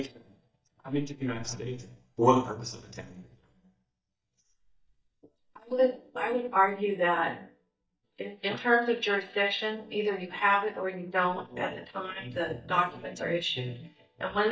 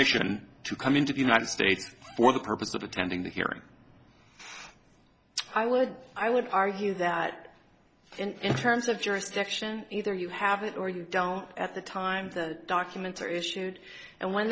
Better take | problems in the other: second | noise reduction (neural mask model DeepFilterNet 3)

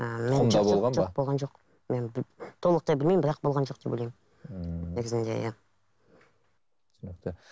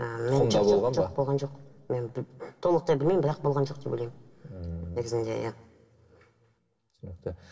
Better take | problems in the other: first | room echo; dies away in 1.2 s

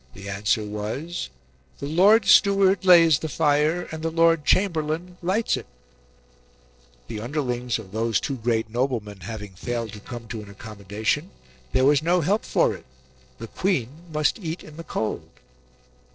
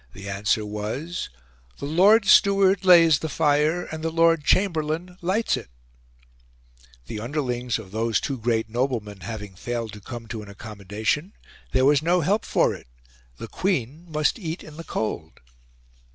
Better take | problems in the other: second | noise reduction (neural separator model SepFormer DNS4)

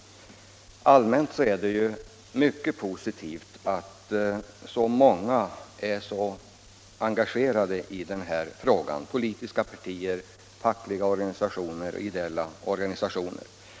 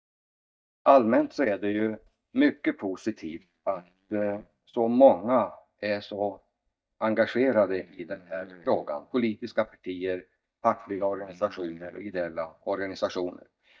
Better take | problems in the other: first | noise reduction (neural mask model DeepFilterNet 3)

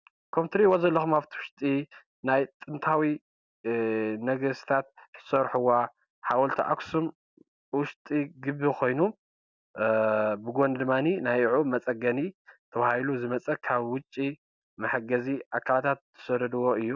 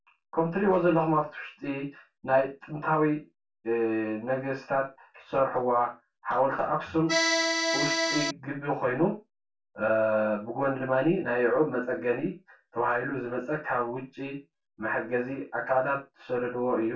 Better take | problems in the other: first | background sound (Accordion); 2 dB above the speech // room echo; dies away in 0.2 s

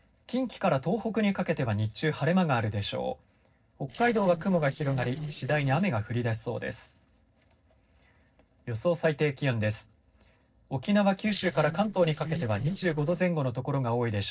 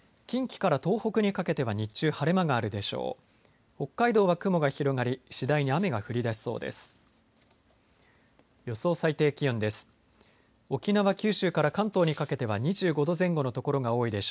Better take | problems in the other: second | noise reduction (neural separator model SepFormer DNS4)

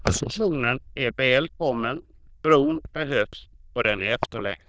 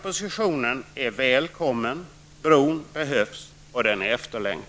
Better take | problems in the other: second | noise reduction (neural diffusion model UNIVERSE++)

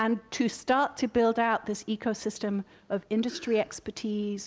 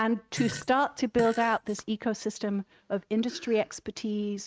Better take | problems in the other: first | noise reduction (neural mask model RNNoise)

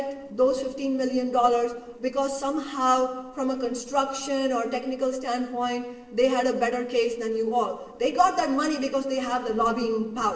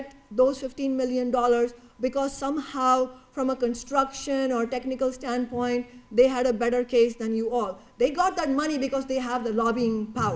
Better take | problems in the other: second | noise reduction (neural separator model SepFormer DNS4)

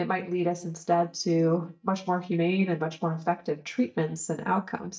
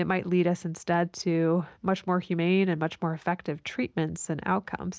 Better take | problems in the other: second | noise reduction (neural mask model DeepFilterNet 3)

